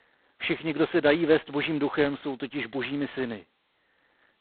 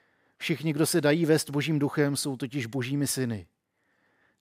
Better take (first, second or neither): second